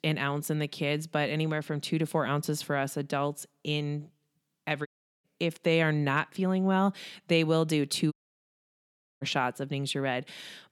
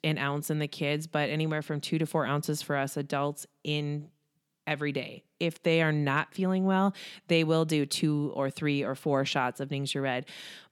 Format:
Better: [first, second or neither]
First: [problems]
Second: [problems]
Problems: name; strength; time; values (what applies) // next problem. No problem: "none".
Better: second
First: audio cutting out; at 5 s and at 8 s for 1 s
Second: none